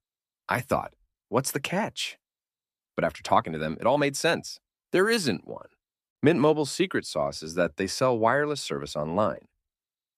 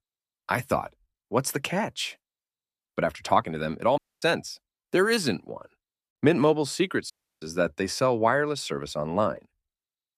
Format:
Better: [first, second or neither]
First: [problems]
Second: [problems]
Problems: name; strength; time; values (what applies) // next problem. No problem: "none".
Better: first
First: none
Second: audio cutting out; at 4 s and at 7 s